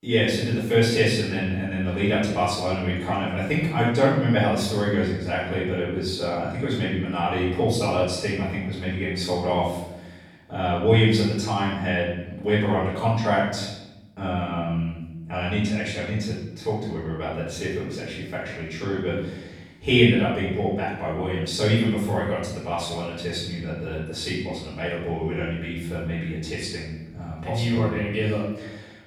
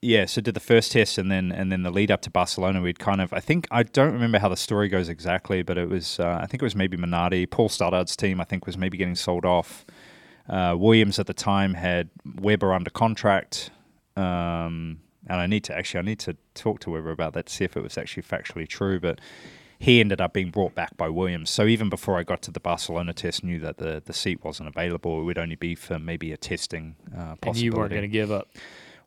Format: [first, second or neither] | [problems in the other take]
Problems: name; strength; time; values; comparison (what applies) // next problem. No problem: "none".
second | room echo; noticeable; dies away in 0.9 s // off-mic speech; far